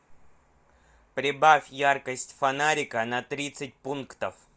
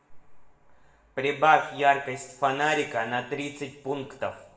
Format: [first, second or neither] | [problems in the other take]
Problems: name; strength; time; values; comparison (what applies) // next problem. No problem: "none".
first | room echo; dies away in 0.7 s